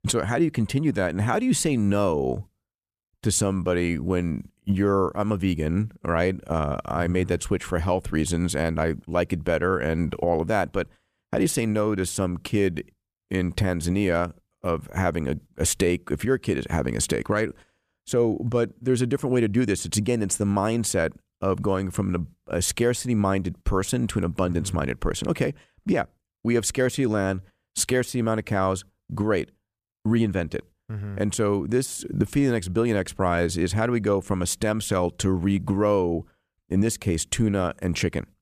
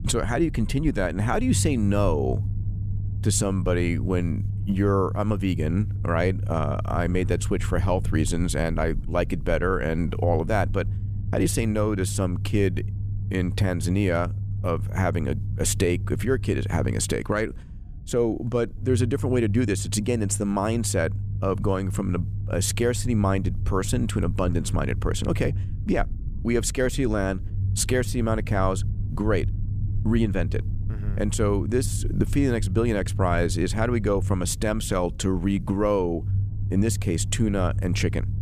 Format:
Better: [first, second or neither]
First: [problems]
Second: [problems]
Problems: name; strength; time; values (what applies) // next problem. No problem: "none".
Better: first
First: none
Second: low rumble; noticeable; throughout; 15 dB below the speech